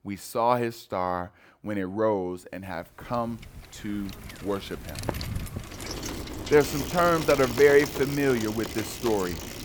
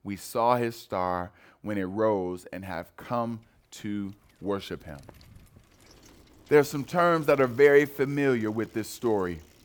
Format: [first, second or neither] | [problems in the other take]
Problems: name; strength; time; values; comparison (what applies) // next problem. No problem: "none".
second | traffic noise; loud; from 2.5 s on; 9 dB below the speech; faint in the second